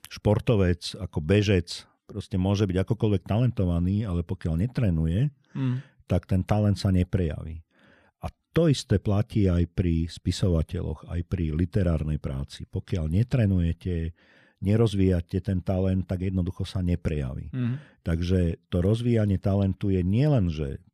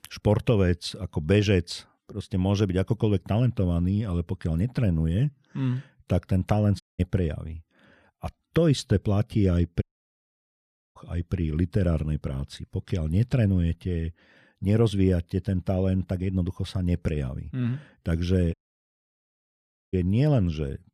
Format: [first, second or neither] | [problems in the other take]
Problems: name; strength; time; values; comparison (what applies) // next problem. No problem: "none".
first | audio cutting out; at 7 s, at 10 s for 1 s and at 19 s for 1.5 s